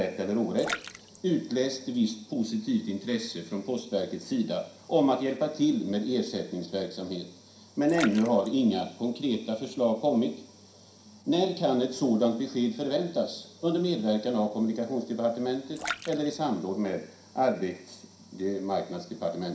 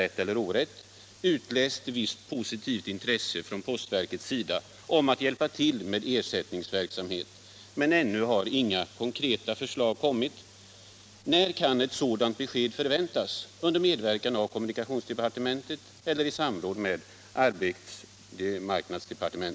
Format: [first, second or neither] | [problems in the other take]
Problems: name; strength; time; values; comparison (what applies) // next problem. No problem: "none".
second | background sound (Splash, splatter); 13 dB below the speech // room echo; dies away in 0.5 s